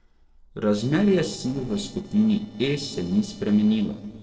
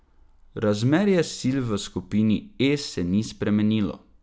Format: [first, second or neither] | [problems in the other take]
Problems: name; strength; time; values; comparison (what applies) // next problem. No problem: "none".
second | noise reduction (neural separator model SepFormer DNS4)